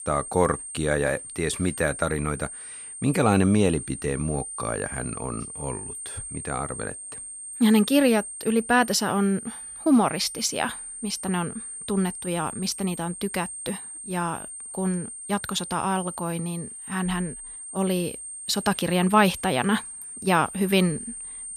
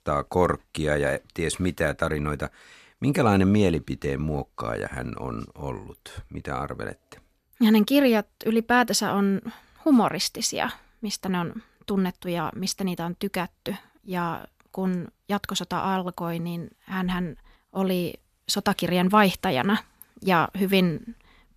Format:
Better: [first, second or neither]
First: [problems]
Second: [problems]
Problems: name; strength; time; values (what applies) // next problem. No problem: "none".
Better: second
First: high-pitched whine; loud; throughout; 8.5 kHz, 9 dB below the speech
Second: none